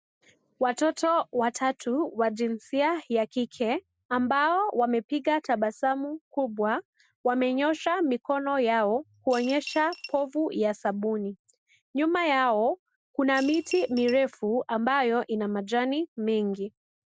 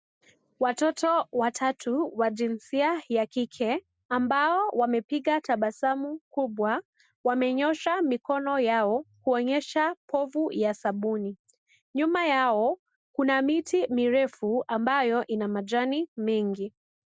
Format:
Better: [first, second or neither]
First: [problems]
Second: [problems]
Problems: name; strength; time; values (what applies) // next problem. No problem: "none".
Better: second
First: background sound (Coin (dropping) / Glass); 15 dB below the speech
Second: none